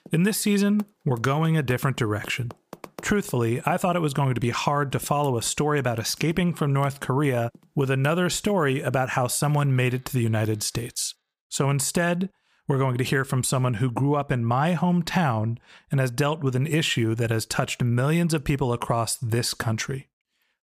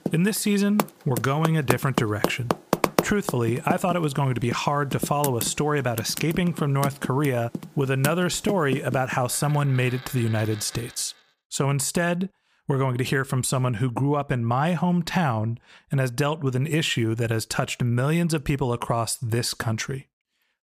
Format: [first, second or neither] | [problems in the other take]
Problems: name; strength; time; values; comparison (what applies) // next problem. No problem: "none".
first | household noises; loud; until 11 s; 7 dB below the speech; faint in the first